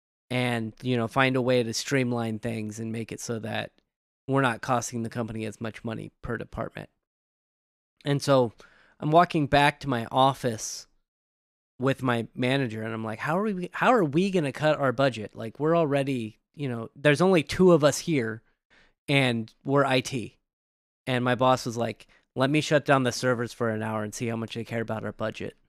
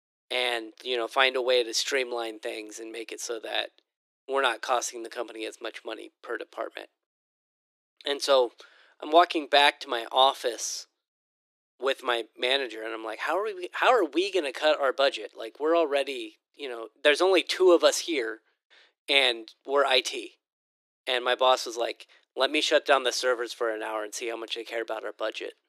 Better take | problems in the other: first | thin; very; fading below 350 Hz

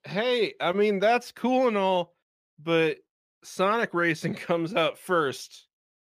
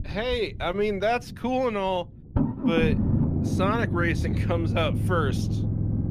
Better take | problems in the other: first | low rumble; loud; throughout; 7 dB below the speech

